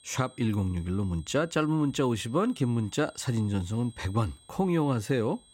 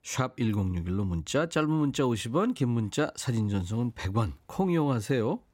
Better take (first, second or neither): second